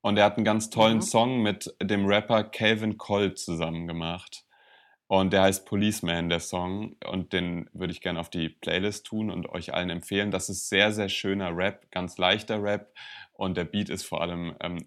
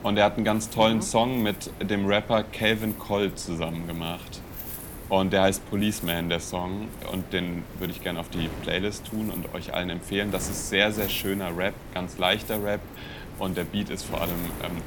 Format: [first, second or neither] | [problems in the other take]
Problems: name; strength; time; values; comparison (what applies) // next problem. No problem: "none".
first | wind noise on the microphone; occasional gusts; 15 dB below the speech